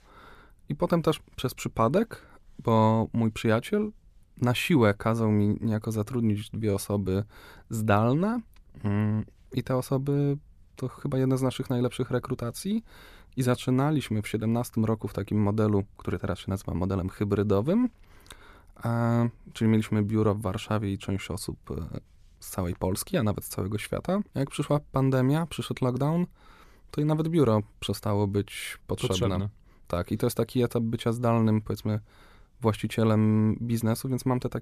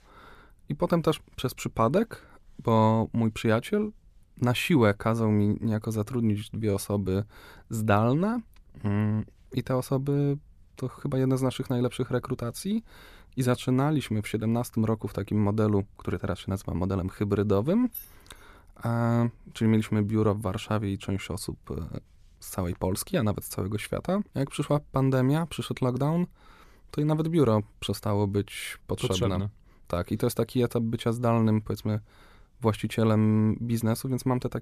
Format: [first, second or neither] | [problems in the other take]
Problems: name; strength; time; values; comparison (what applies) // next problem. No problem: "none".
first | jangling keys; faint; at 18 s; peak 15 dB below the speech